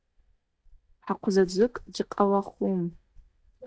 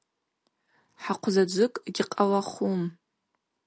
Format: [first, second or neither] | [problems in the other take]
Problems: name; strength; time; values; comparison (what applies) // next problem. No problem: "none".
second | noise reduction (neural mask model DeepFilterNet 3)